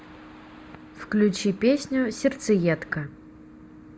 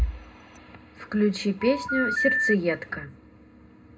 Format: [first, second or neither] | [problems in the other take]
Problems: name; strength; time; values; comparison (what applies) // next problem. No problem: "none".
first | background sound (Telephone); 1 dB below the speech // room echo; dies away in 0.2 s